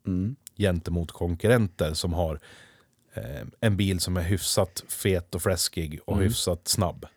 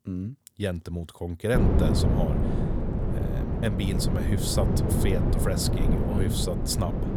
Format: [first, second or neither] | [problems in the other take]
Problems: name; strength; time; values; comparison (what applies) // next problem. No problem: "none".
first | wind noise on the microphone; heavy; from 1.5 s on; 1 dB below the speech